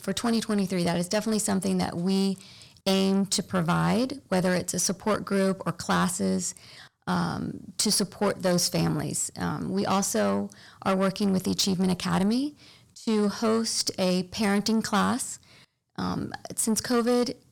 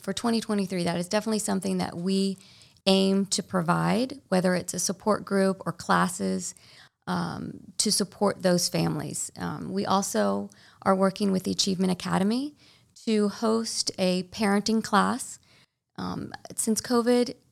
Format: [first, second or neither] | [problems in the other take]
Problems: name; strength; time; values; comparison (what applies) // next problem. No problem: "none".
second | distortion; slight; 10 dB below the speech